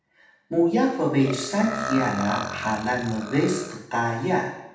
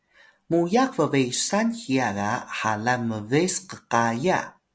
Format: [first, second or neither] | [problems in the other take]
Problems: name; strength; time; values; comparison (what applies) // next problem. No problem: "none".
second | background sound (Burping, eructation); 9 dB below the speech // room echo; dies away in 0.8 s